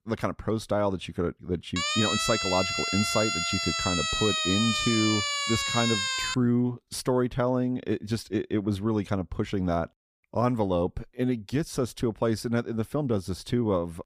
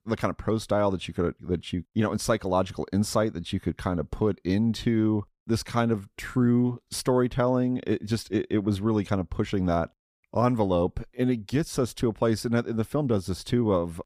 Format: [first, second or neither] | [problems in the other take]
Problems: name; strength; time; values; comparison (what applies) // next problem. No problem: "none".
second | siren; loud; from 2 to 6.5 s; peak 3 dB above the speech